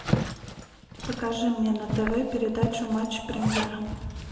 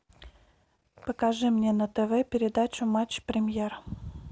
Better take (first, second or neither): second